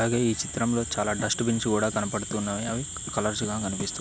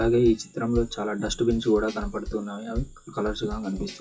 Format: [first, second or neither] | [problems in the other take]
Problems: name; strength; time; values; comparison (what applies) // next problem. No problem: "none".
first | noise reduction (classical method WPE with log-MMSE)